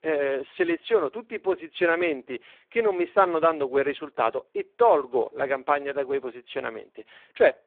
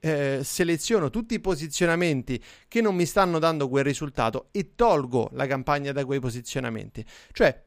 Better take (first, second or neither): second